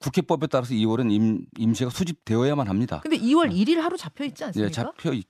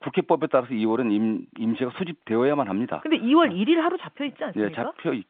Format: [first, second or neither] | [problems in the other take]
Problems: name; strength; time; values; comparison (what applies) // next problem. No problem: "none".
first | phone-call audio